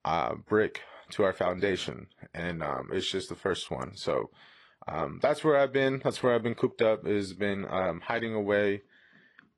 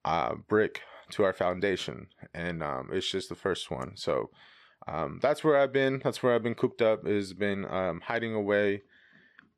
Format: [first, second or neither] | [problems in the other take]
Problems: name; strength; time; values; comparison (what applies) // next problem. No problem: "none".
second | garbled, watery; slightly